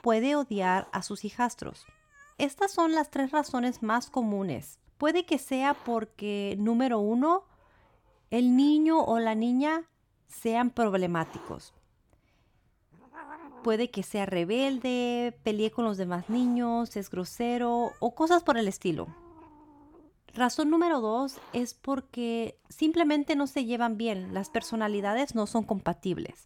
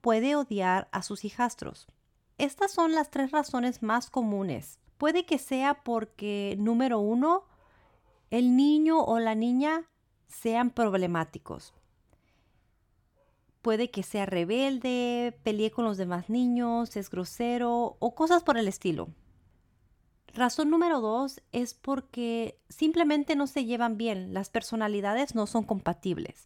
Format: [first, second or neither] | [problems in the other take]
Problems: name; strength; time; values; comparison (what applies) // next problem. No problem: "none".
second | hiss; faint; throughout; 25 dB below the speech